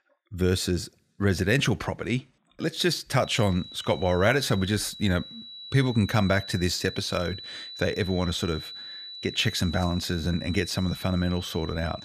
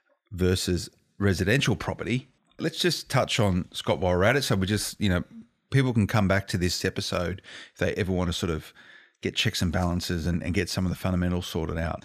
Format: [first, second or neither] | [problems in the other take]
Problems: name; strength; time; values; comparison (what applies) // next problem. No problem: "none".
second | high-pitched whine; noticeable; from 3 s on; 4 kHz, 10 dB below the speech